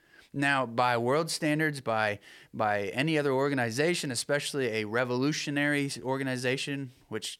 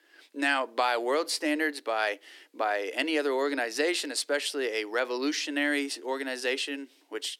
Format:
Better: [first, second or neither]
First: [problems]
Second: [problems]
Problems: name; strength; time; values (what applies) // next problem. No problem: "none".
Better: first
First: none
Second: thin; very slightly; fading below 300 Hz